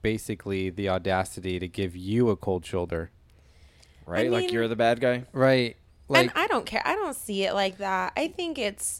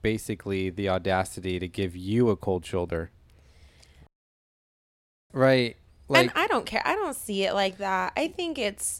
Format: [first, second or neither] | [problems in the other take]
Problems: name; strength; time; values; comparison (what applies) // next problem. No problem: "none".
first | audio cutting out; at 4 s for 1 s